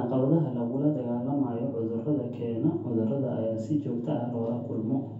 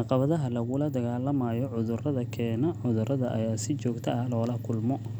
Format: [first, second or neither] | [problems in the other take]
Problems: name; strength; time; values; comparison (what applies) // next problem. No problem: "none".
second | room echo; dies away in 0.6 s